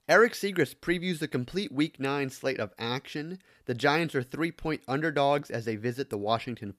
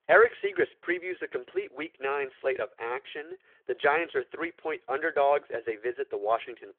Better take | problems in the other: first | phone-call audio

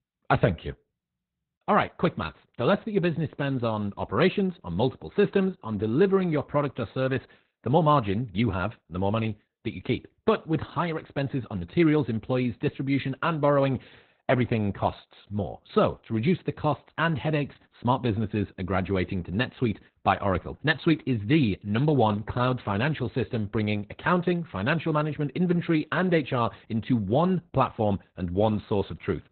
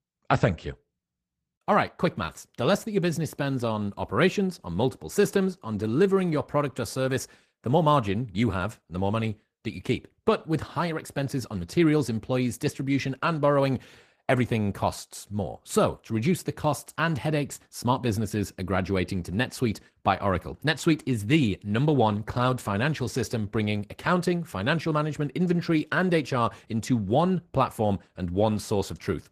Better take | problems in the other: second | garbled, watery; badly; nothing above 4 kHz; slightly in the second

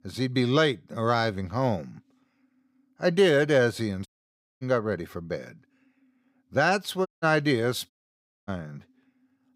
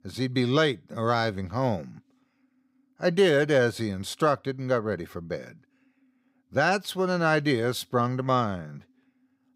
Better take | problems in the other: second | audio cutting out; at 4 s for 0.5 s, at 7 s and at 8 s for 0.5 s

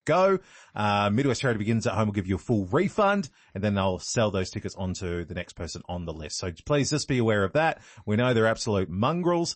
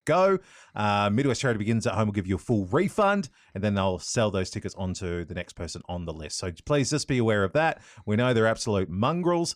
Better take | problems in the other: second | garbled, watery; slightly; nothing above 8 kHz

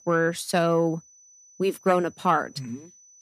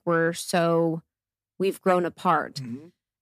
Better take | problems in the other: second | high-pitched whine; faint; throughout; 6 kHz, 25 dB below the speech

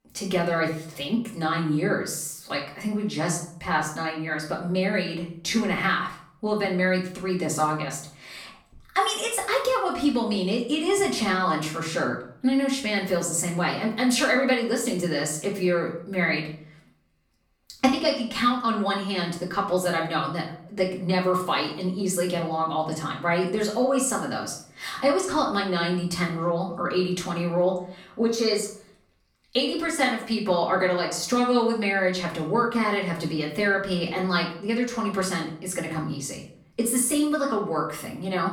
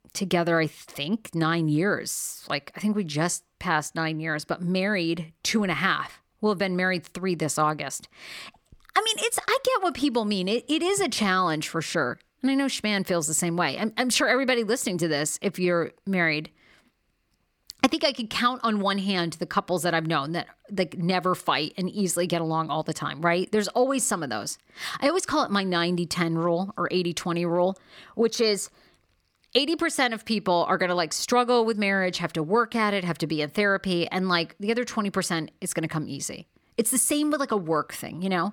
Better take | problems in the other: second | room echo; slight; dies away in 0.5 s // off-mic speech; far

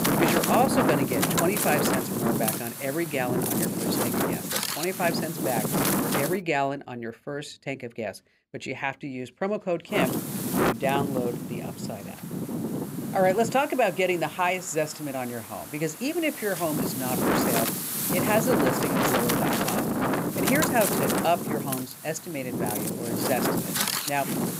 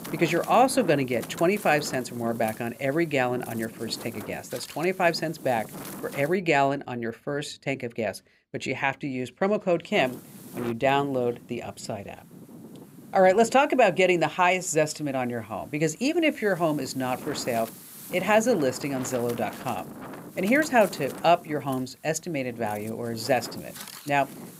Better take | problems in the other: second | wind noise on the microphone; heavy; until 6.5 s and from 10 s on; as loud as the speech; occasional gusts in the second

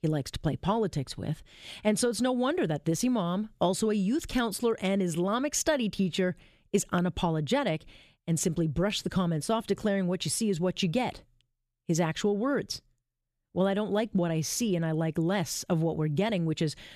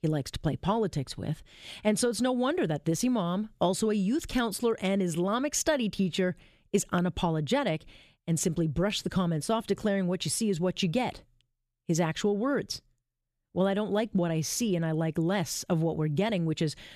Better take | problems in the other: neither | none

